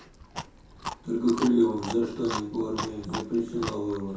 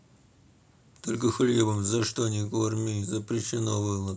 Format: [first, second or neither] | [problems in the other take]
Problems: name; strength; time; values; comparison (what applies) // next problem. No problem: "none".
second | background sound (Chewing, mastication); 10 dB below the speech // room echo; dies away in 0.6 s